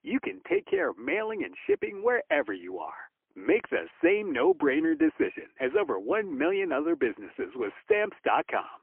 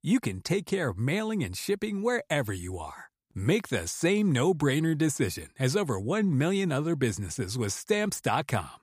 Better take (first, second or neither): second